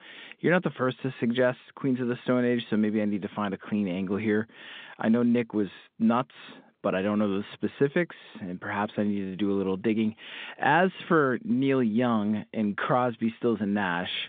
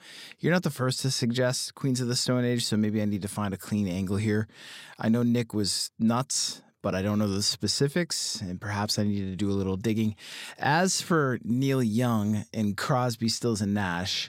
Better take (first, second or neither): second